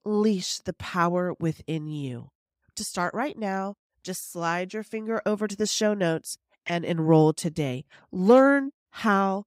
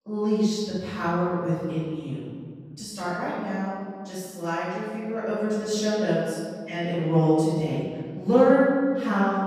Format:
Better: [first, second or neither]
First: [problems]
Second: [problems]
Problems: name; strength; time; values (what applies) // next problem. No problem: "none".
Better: first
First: none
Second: off-mic speech; far // room echo; strong; dies away in 1.8 s